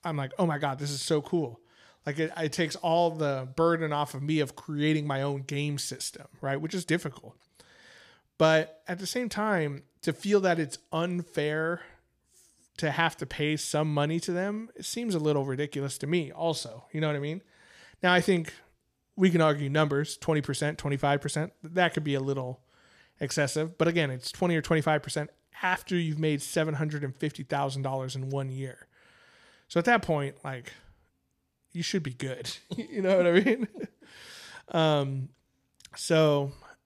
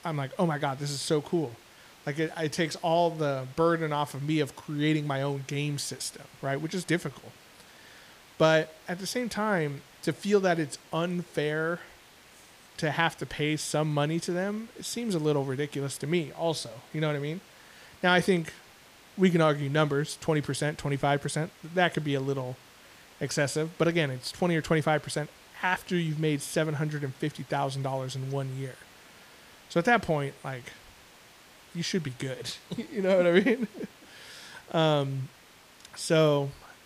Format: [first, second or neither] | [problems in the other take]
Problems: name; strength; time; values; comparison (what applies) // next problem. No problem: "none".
first | hiss; faint; throughout; 25 dB below the speech